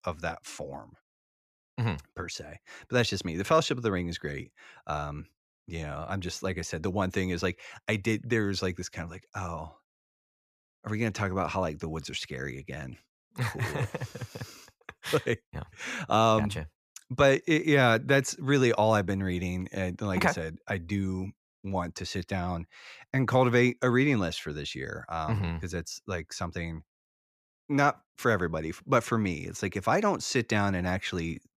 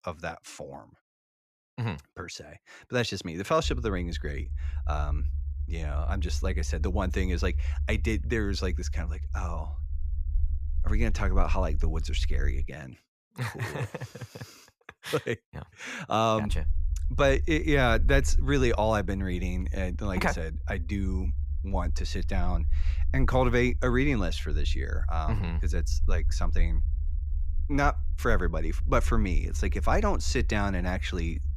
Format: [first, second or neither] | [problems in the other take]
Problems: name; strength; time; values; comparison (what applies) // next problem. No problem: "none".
first | low rumble; faint; from 3.5 to 13 s and from 16 s on; 20 dB below the speech